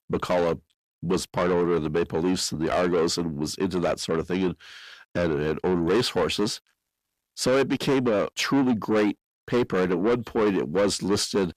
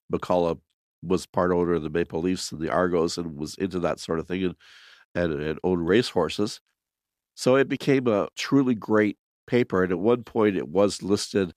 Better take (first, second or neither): second